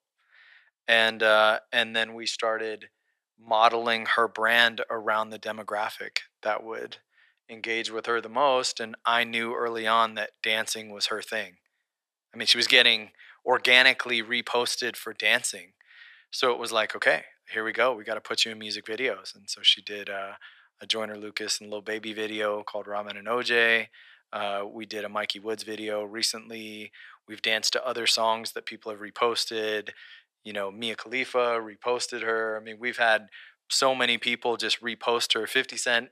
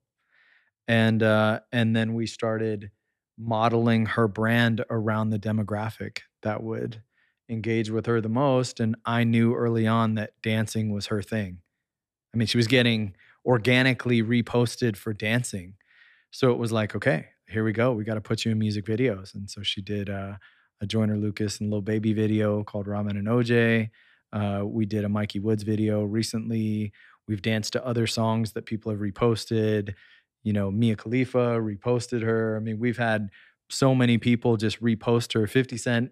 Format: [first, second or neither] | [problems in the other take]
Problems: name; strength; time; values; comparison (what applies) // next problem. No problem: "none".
second | thin; very; fading below 800 Hz